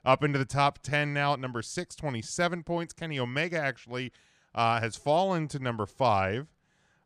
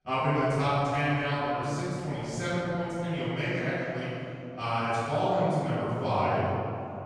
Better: first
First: none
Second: room echo; strong; dies away in 3 s // off-mic speech; far

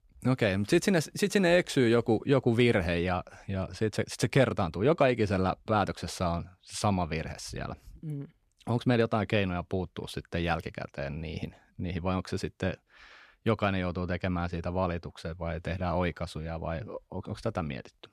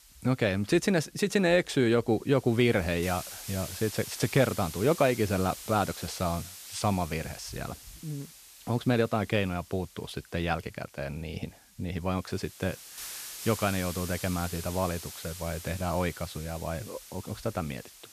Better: first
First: none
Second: hiss; noticeable; throughout; 10 dB below the speech

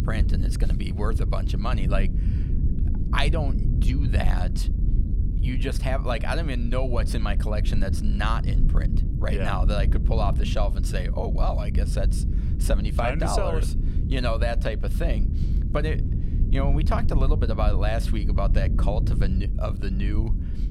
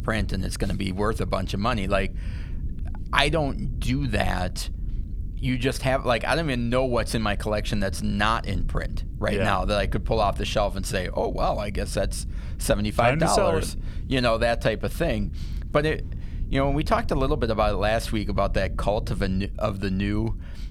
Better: second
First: low rumble; loud; throughout; 9 dB below the speech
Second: low rumble; faint; throughout; 25 dB below the speech

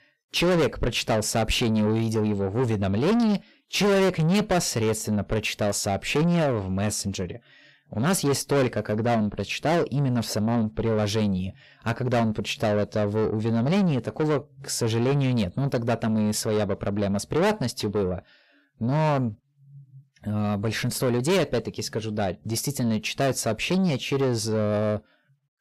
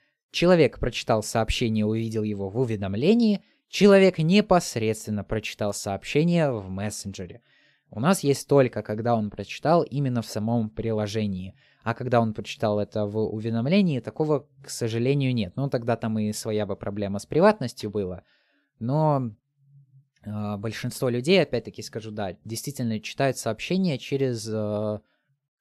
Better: second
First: distortion; heavy; 6 dB below the speech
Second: none

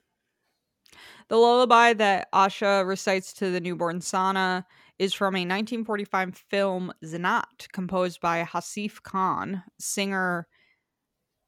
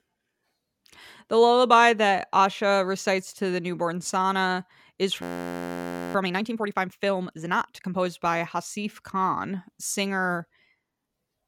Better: first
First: none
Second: audio freezing; at 5 s for 1 s

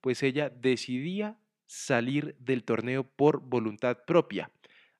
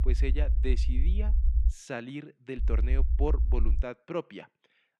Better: first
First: none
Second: low rumble; noticeable; until 1.5 s and from 2.5 to 4 s; 10 dB below the speech

